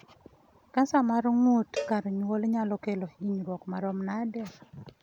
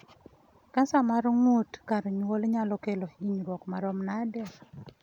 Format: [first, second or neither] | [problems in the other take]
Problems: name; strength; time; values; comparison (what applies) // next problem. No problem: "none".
second | background sound (Cowbell); 13 dB below the speech